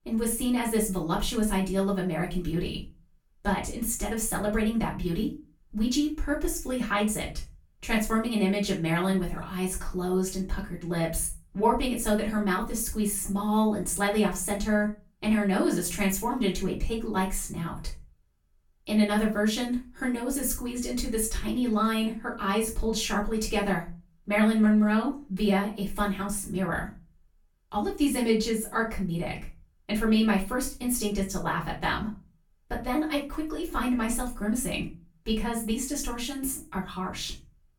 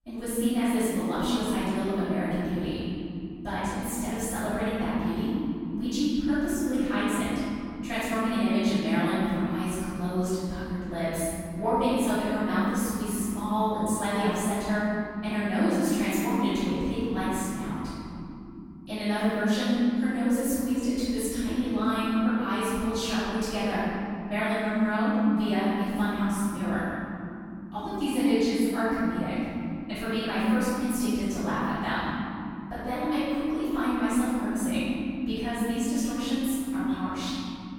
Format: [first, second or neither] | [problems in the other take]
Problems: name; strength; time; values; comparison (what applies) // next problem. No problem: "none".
first | room echo; strong; dies away in 3 s; slight in the first // off-mic speech; far; far in the first